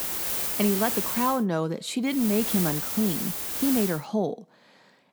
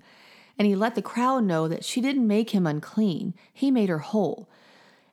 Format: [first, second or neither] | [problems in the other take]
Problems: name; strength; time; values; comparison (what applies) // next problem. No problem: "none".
second | hiss; loud; until 1.5 s and from 2 to 4 s; as loud as the speech